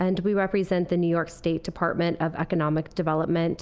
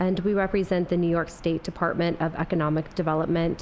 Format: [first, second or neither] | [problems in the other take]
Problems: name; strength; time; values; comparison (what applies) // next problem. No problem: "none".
first | background sound (Gull, seagull / Ocean); 19 dB below the speech